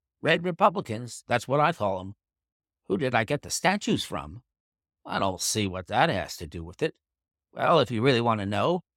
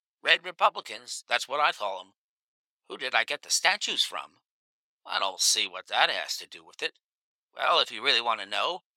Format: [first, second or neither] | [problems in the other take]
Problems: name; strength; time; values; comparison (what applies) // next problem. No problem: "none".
first | thin; very; fading below 850 Hz